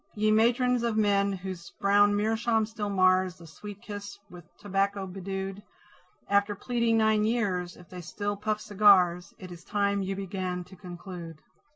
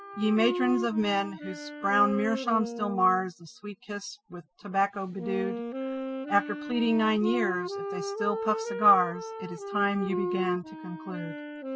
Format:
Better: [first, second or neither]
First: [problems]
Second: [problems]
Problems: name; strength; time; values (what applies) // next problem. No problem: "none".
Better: first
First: none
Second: noise reduction (classical method spectral subtraction)